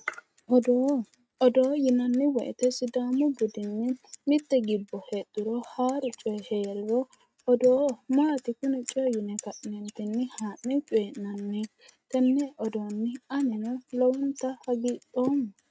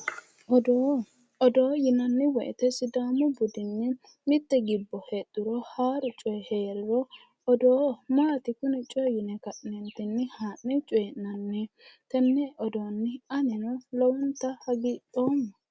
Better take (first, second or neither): second